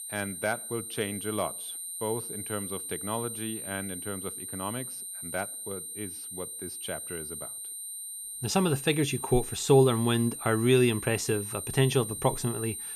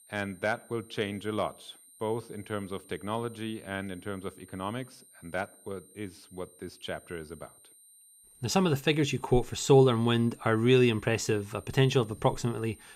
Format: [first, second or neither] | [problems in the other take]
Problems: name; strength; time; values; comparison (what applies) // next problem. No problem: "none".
second | high-pitched whine; loud; throughout; 9 kHz, 7 dB below the speech; faint in the second